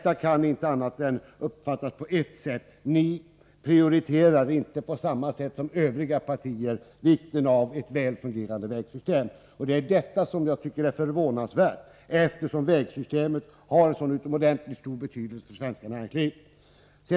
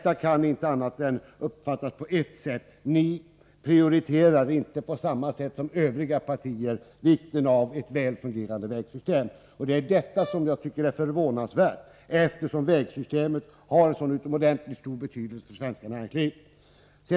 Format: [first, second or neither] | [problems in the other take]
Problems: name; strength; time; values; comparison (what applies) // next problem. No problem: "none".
first | background sound (Brass instrument); 18 dB below the speech